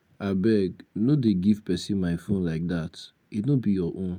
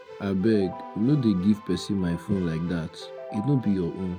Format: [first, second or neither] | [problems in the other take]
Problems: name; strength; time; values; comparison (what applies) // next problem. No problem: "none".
first | background sound (Keyboard (musical)); 16 dB below the speech